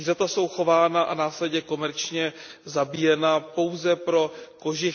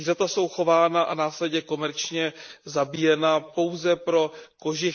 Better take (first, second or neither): first